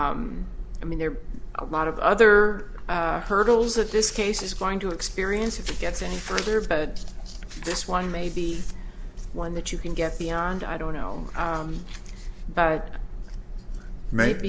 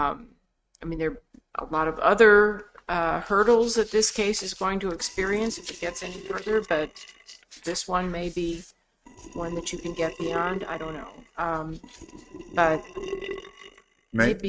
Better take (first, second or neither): first